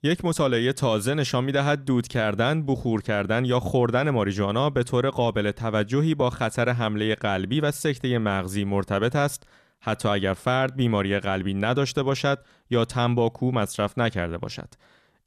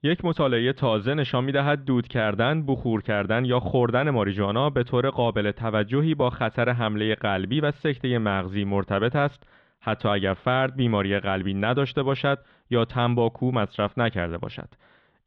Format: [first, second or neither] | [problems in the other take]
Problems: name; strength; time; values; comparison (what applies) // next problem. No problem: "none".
first | muffled; very; fading above 3.5 kHz